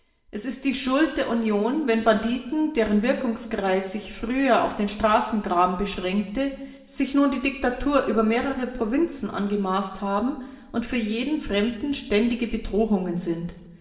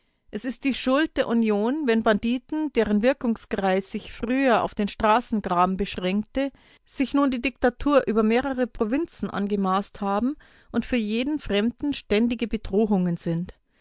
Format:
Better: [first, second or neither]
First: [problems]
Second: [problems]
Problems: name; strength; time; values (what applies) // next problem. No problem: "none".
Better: second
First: room echo; dies away in 1.1 s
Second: none